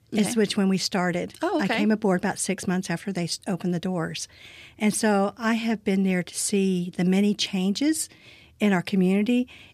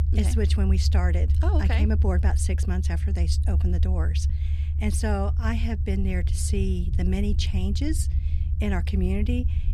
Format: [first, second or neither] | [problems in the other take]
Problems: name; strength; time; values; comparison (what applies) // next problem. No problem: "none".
first | low rumble; loud; throughout; 8 dB below the speech